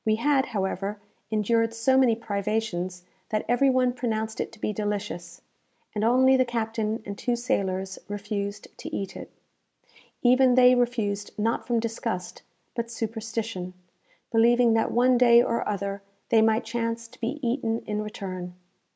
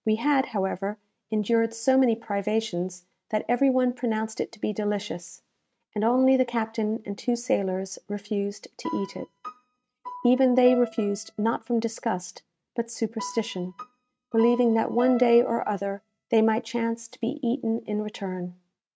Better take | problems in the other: first | noise reduction (neural mask model RNNoise)

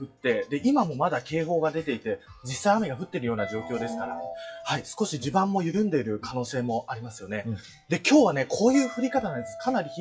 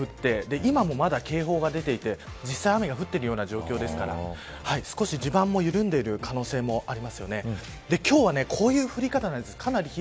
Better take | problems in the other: second | noise reduction (classical method WPE with log-MMSE)

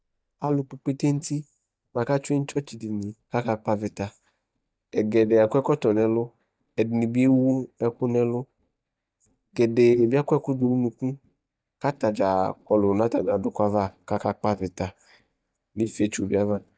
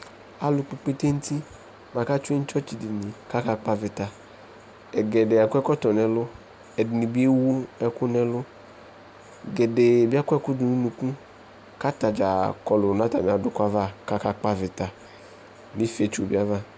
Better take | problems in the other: second | noise reduction (neural mask model DeepFilterNet 3)

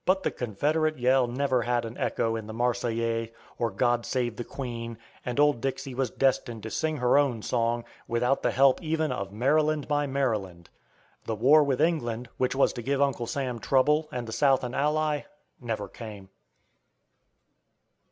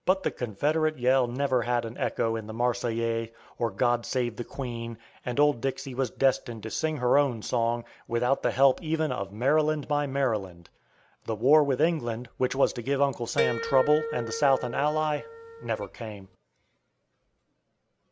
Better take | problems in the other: first | background sound (Harp); 7 dB below the speech

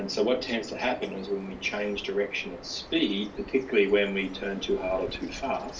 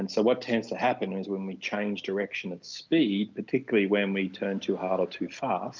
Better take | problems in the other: second | background sound (Bird vocalization, bird call, bird song); 15 dB below the speech // room echo; dies away in 0.3 s

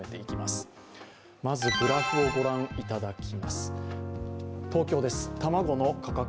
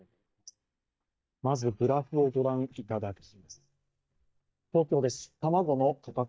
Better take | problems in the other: first | noise reduction (neural mask model DeepFilterNet 3)

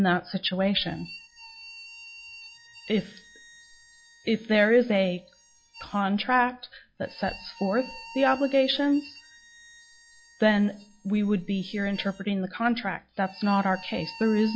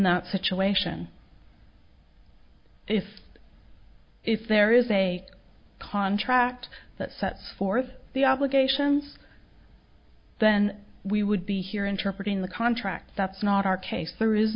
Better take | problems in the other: second | noise reduction (classical method log-MMSE)

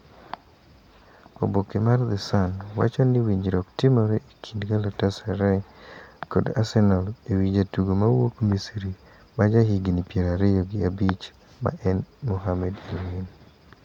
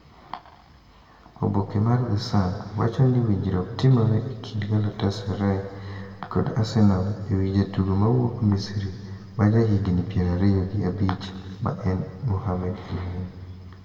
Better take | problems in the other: first | room echo; dies away in 2 s

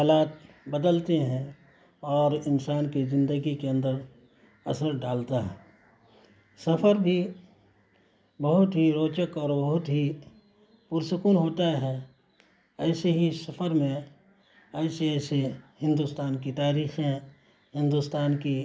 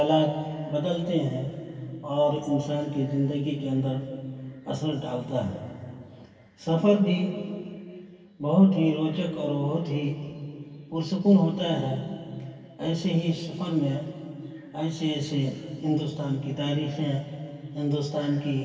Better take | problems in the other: first | room echo; dies away in 2.6 s

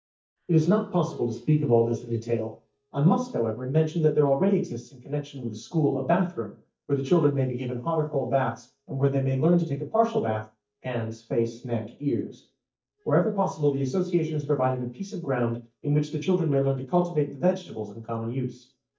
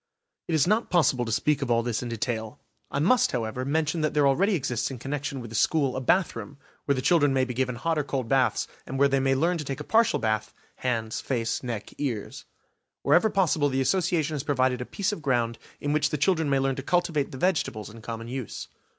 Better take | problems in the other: second | noise reduction (neural mask model DeepFilterNet 3)

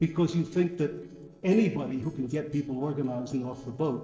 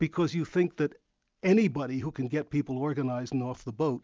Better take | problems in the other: second | noise reduction (neural separator model SepFormer DNS4)

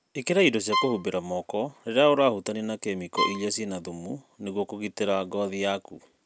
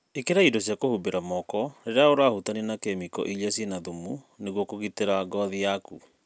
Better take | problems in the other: second | background sound (Bowed string instrument); 6 dB below the speech

